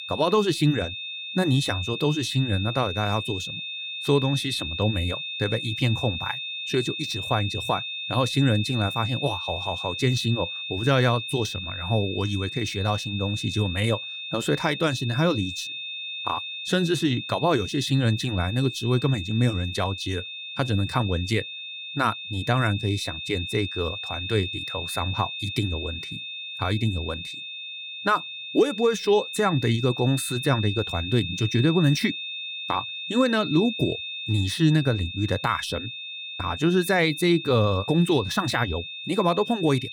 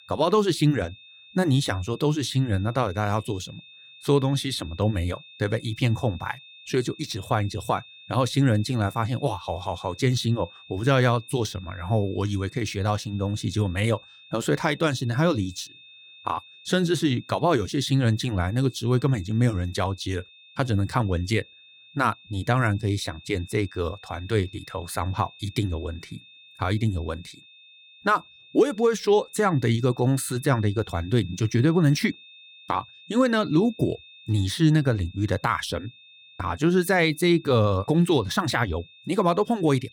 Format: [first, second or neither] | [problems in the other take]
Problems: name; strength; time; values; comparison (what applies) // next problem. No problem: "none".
second | high-pitched whine; loud; throughout; 3.5 kHz, 6 dB below the speech; faint in the second